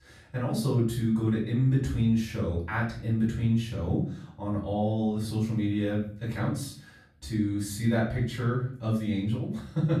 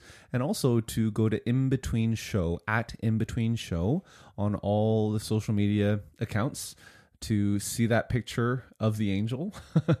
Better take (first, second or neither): second